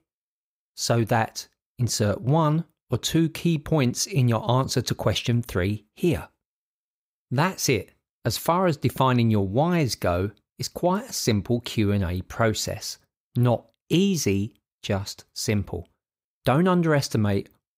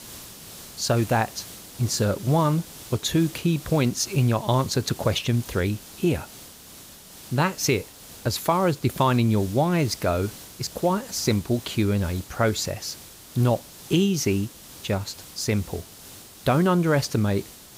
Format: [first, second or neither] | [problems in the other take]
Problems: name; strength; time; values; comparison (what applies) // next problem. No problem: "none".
first | hiss; noticeable; throughout; 15 dB below the speech